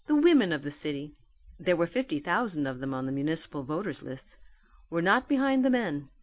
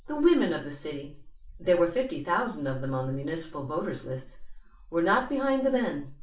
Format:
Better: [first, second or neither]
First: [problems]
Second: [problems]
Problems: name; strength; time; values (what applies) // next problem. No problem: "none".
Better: first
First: none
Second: room echo; dies away in 0.3 s